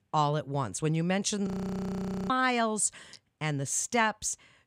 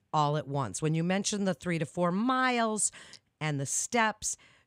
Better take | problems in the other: second | audio freezing; at 1.5 s for 1 s

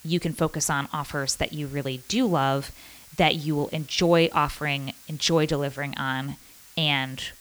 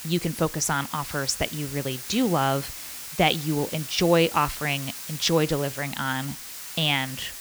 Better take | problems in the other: first | hiss; loud; throughout; 9 dB below the speech; faint in the first

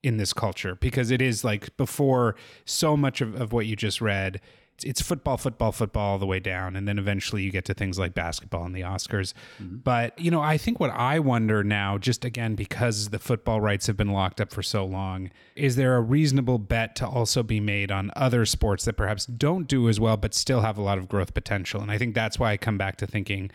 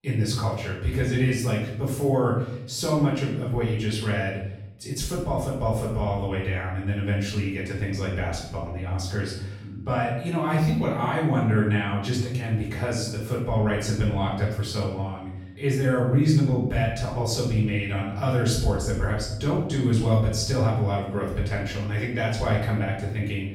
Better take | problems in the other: first | room echo; noticeable; dies away in 0.8 s // off-mic speech; far

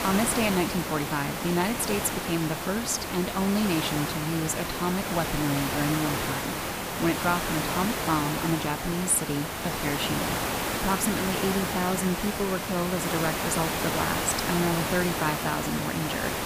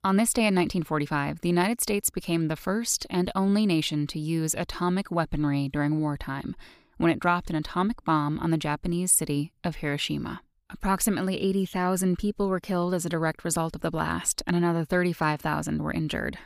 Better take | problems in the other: second | hiss; loud; throughout; 1 dB below the speech

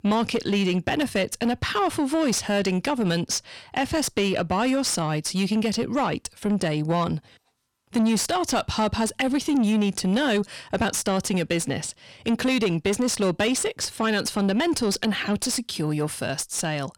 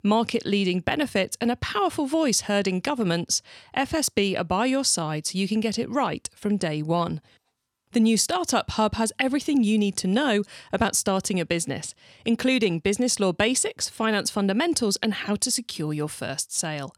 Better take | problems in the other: second | distortion; slight; 10 dB below the speech

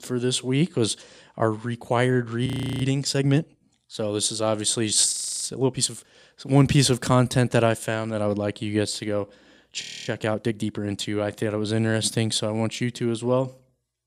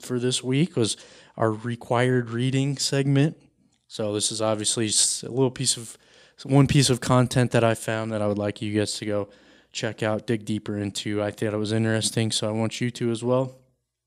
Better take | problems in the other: second | audio freezing; at 2.5 s, at 5 s and at 10 s

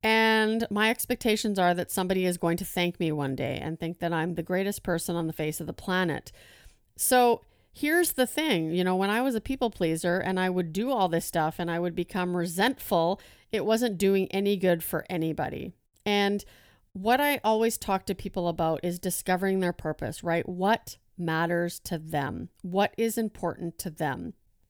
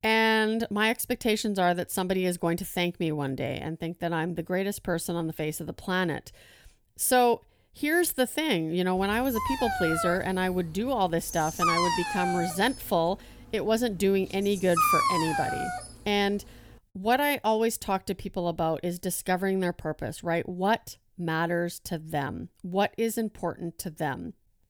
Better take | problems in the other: first | dog barking; loud; from 9 to 16 s; peak 5 dB above the speech

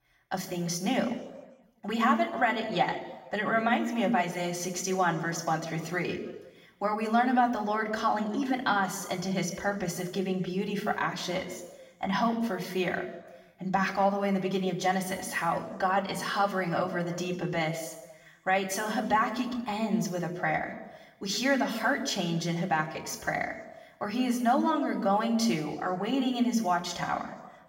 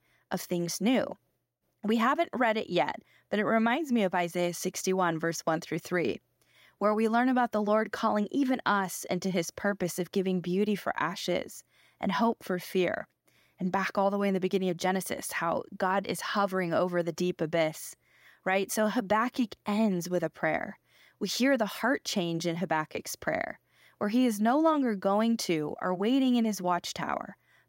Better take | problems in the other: second | room echo; slight; dies away in 1 s // off-mic speech; somewhat distant

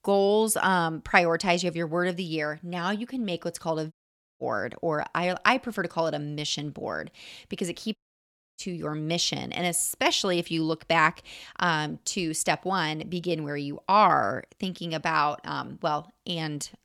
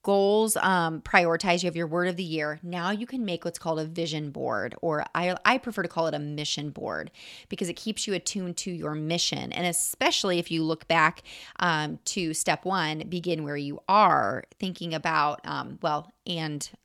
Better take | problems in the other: second | audio cutting out; at 4 s and at 8 s for 0.5 s

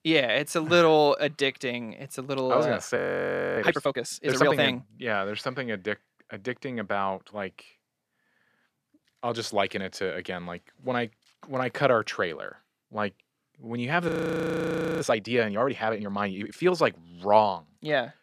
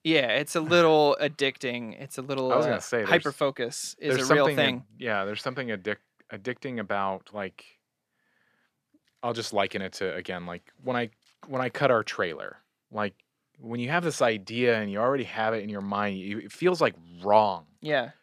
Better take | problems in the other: second | audio freezing; at 3 s for 0.5 s and at 14 s for 1 s

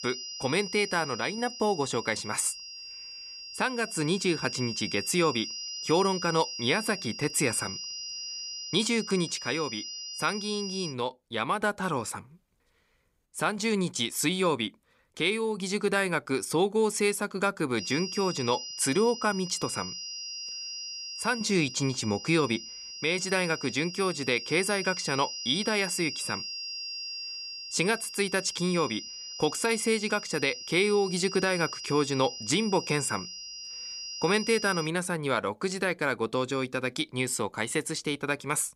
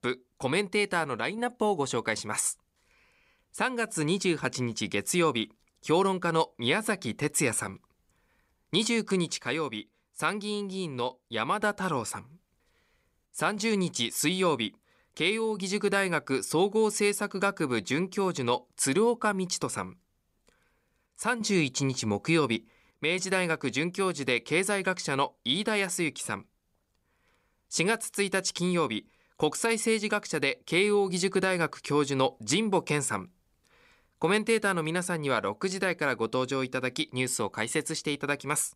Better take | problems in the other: second | high-pitched whine; loud; until 11 s and from 18 to 35 s; 5 kHz, 8 dB below the speech

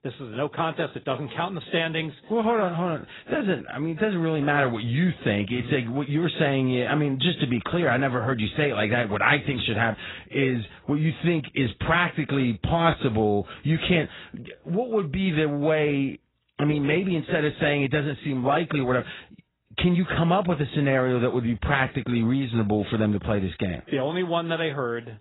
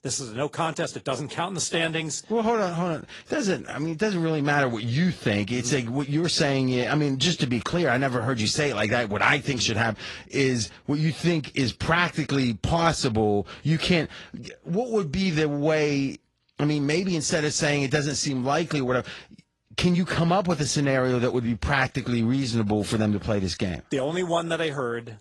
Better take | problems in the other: second | garbled, watery; badly; nothing above 4 kHz; slightly in the second

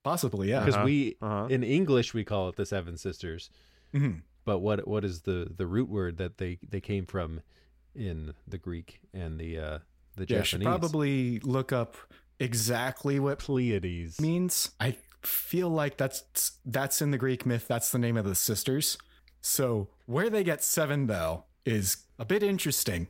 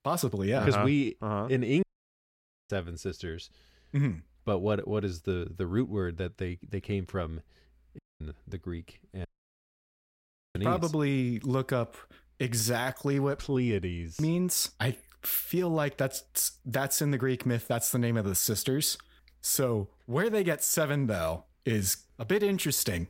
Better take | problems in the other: first | audio cutting out; at 2 s for 1 s, at 8 s and at 9.5 s for 1.5 s

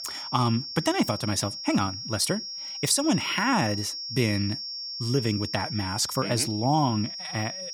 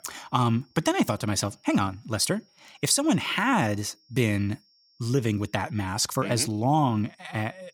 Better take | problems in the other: second | high-pitched whine; loud; throughout; 5.5 kHz, 6 dB below the speech; faint in the second

